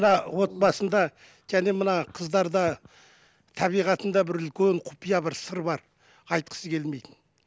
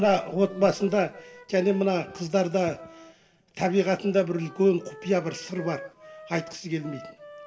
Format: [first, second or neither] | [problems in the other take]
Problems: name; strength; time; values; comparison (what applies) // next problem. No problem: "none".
first | background sound (Wind instrument, woodwind instrument); 19 dB below the speech // room echo; dies away in 0.7 s